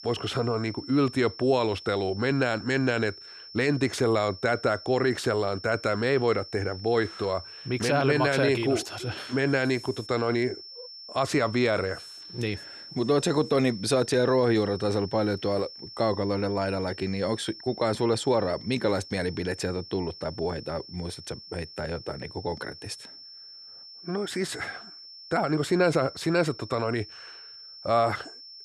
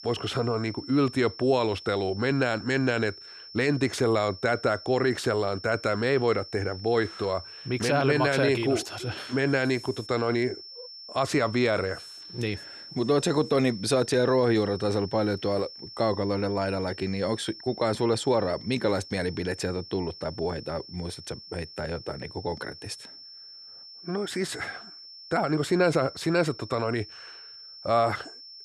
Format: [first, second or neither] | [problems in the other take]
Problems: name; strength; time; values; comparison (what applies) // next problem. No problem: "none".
neither | high-pitched whine; noticeable; throughout; 5.5 kHz, 15 dB below the speech; the same in both